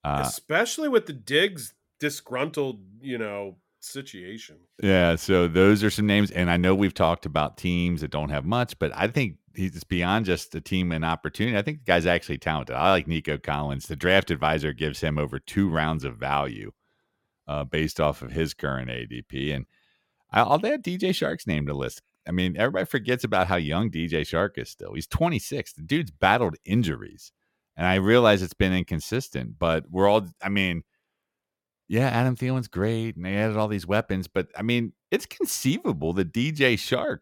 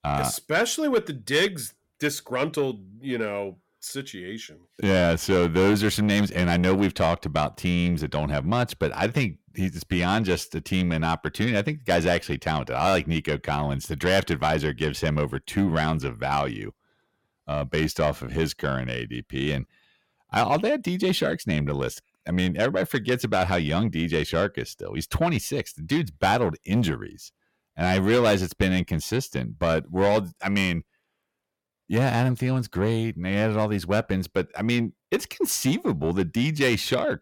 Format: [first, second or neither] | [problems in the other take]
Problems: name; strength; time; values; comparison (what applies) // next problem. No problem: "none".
first | distortion; slight; 10 dB below the speech